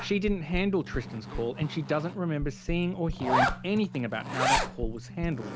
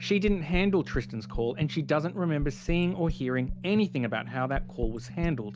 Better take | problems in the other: second | background sound (Zipper (clothing)); 4 dB below the speech

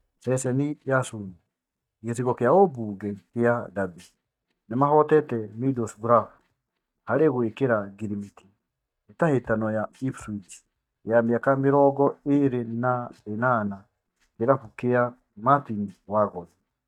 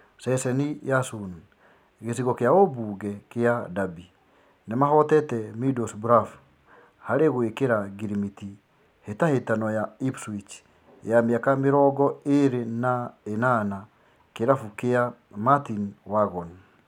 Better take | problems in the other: second | noise reduction (neural mask model DeepFilterNet 3)

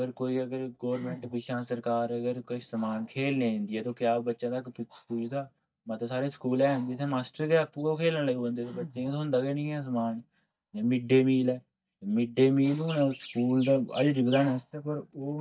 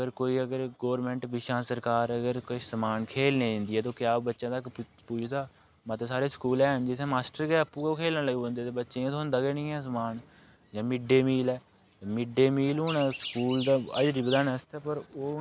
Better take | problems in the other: second | noise reduction (neural mask model DeepFilterNet 3)

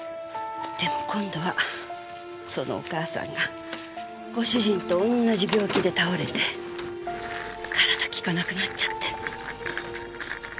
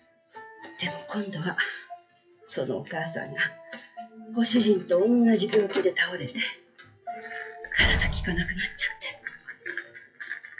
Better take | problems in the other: first | noise reduction (classical method WPE with log-MMSE)

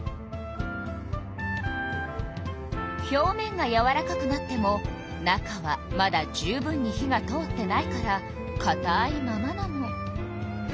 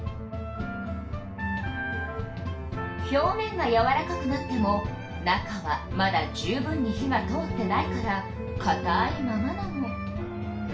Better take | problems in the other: first | room echo; dies away in 0.3 s

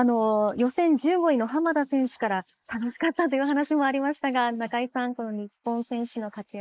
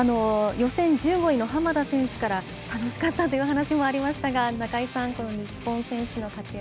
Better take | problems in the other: second | noise reduction (neural mask model Resemble Enhance denoiser)

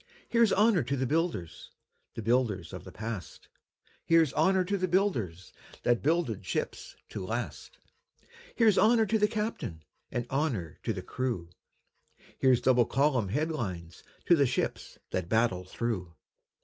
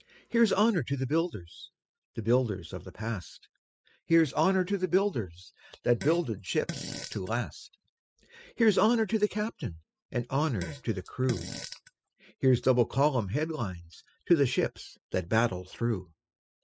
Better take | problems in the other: first | noise reduction (classical method spectral subtraction)

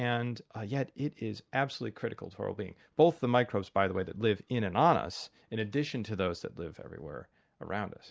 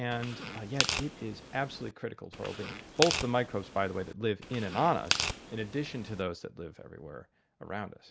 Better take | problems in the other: first | background sound (Tearing); 3 dB below the speech

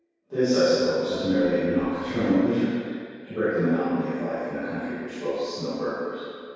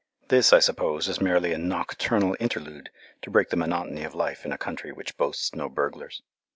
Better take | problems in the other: second | background sound (Subway, metro, underground / Doorbell); 14 dB below the speech // room echo; dies away in 2 s

